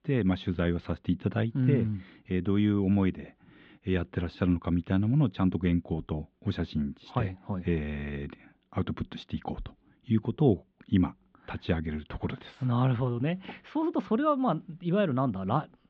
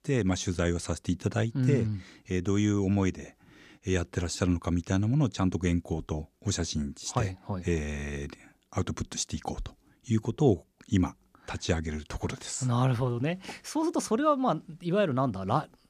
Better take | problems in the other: second | muffled; very; fading above 3.5 kHz

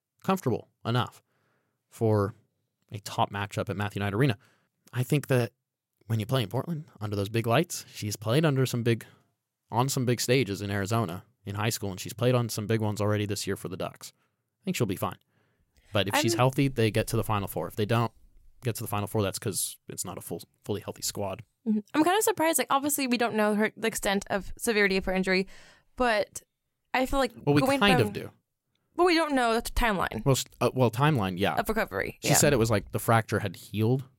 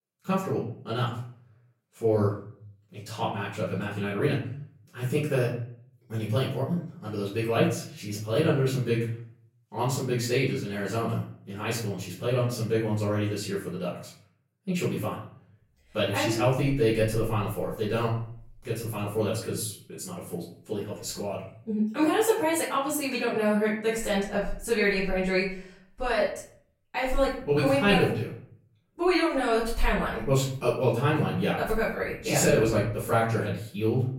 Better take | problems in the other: first | off-mic speech; far // room echo; noticeable; dies away in 0.5 s

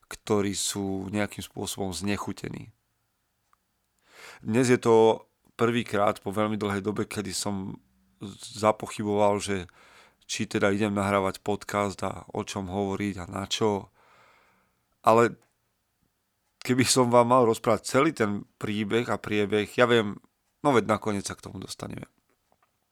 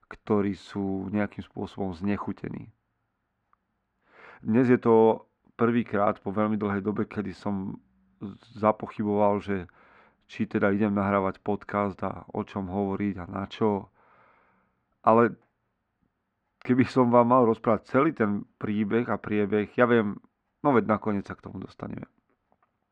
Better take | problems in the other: first | muffled; very; fading above 1.5 kHz

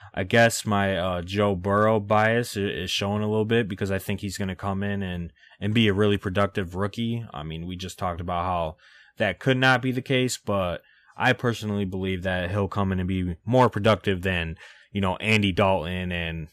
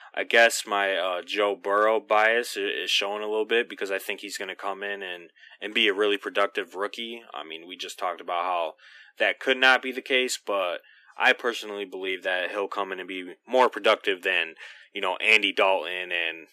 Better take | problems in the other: first | thin; very; fading below 300 Hz

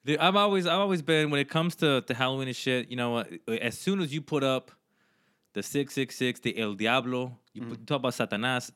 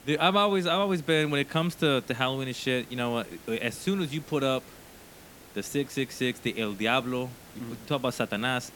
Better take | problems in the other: first | hiss; faint; throughout; 20 dB below the speech

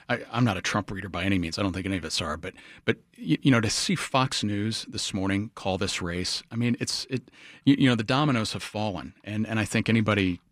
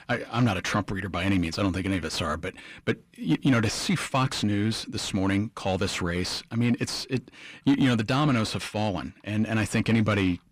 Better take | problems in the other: first | distortion; slight; 10 dB below the speech

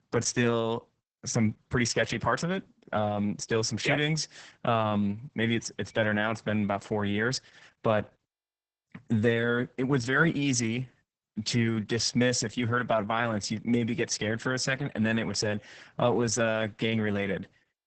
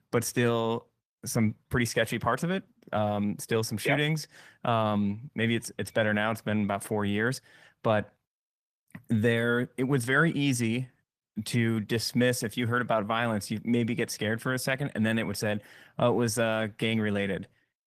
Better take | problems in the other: second | garbled, watery; badly; nothing above 8 kHz; slightly in the second

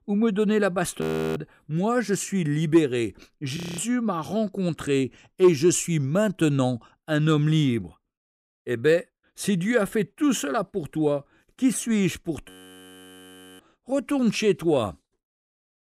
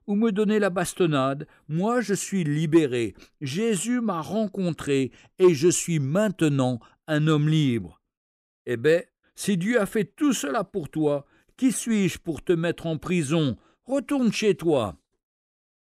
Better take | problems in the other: second | audio freezing; at 1 s, at 3.5 s and at 12 s for 1 s

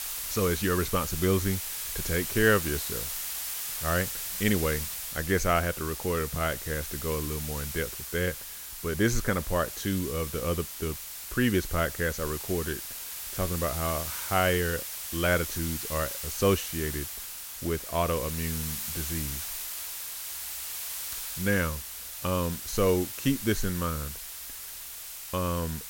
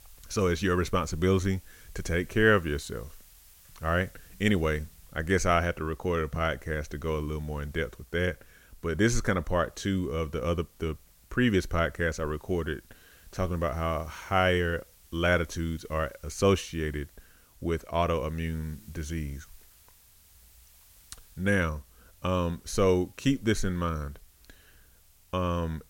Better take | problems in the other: second | hiss; loud; throughout; 4 dB below the speech; faint in the second

